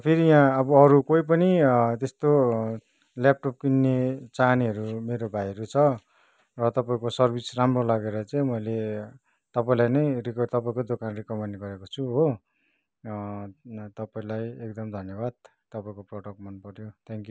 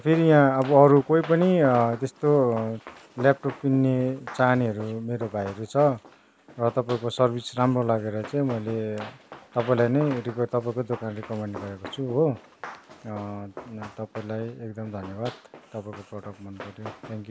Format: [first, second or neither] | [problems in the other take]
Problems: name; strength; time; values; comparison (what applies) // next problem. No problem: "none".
first | background sound (Run); 18 dB below the speech